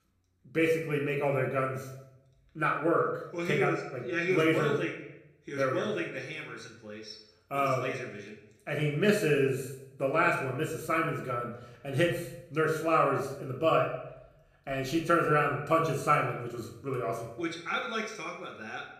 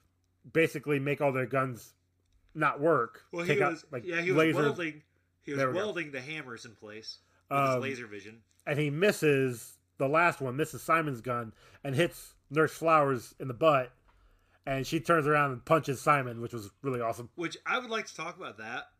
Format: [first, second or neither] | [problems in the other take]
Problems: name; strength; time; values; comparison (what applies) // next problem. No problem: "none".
second | room echo; slight; dies away in 0.6 s // off-mic speech; somewhat distant